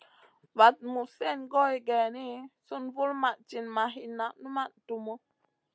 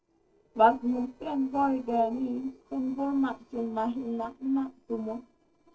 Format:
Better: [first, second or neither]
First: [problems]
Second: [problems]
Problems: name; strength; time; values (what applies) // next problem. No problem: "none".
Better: first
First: none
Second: noise reduction (neural separator model SepFormer DNS4)